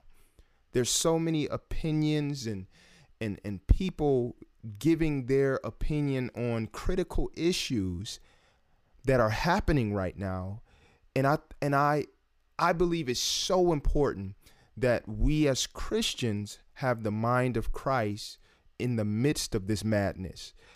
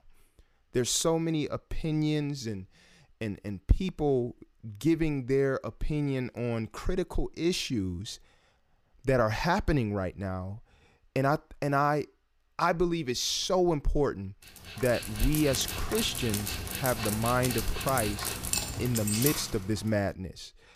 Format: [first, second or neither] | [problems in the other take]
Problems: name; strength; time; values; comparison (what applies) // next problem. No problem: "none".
first | dog barking; loud; from 15 to 19 s; peak 1 dB above the speech